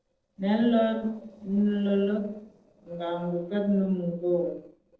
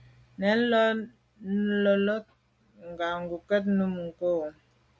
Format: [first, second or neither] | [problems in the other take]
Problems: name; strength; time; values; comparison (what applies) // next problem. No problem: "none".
second | noise reduction (neural separator model SepFormer DNS4)